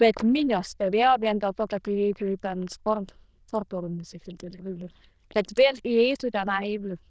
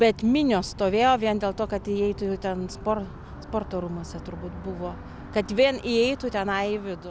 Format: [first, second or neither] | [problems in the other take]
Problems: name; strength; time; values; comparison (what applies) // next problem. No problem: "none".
second | noise reduction (neural diffusion model UNIVERSE++)